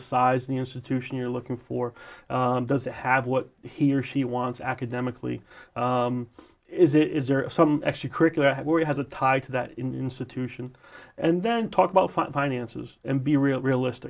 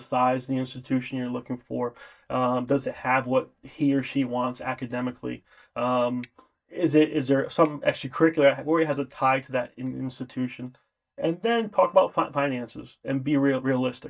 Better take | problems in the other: first | noise reduction (neural mask model DeepFilterNet 3)

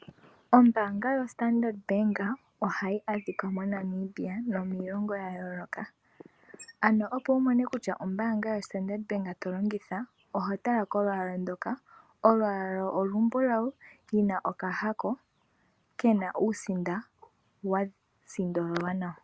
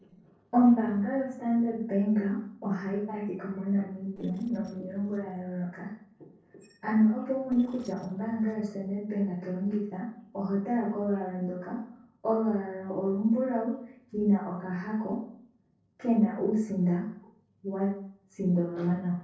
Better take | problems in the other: first | noise reduction (neural separator model SepFormer DNS4)

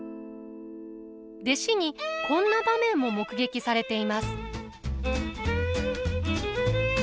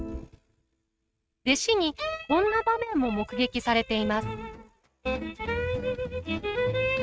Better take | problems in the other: first | noise reduction (neural mask model RNNoise)

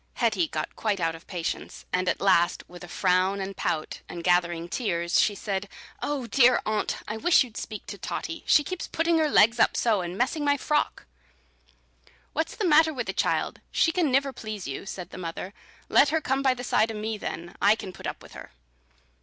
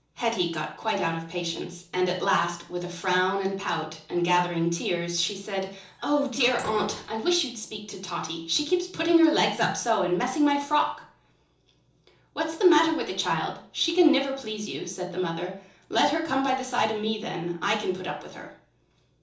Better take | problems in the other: first | noise reduction (neural separator model SepFormer DNS4)

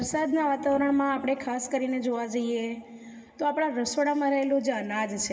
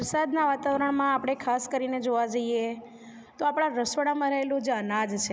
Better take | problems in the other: second | room echo; dies away in 1.7 s

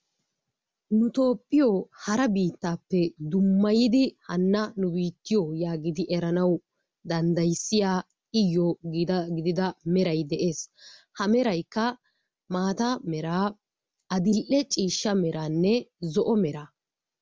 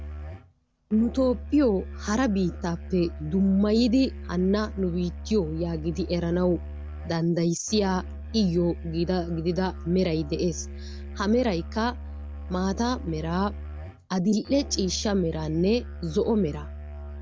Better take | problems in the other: first | background sound (Musical instrument); 11 dB below the speech

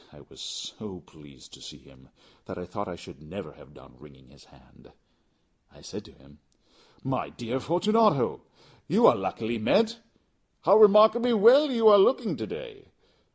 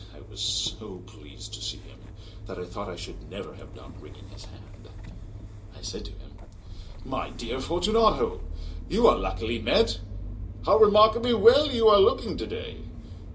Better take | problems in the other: first | background sound (Engine starting / Motor vehicle (road)); 10 dB below the speech // room echo; dies away in 0.2 s

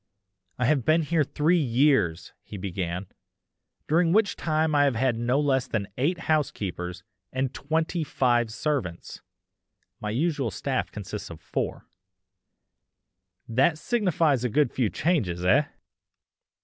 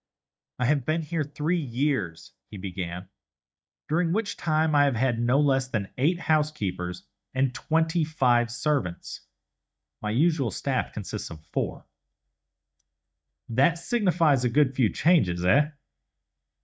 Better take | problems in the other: first | noise reduction (neural mask model DeepFilterNet 3)

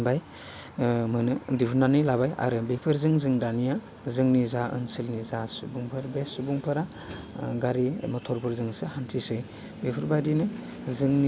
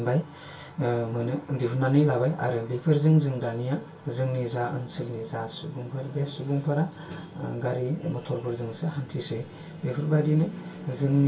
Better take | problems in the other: first | room echo; dies away in 0.2 s

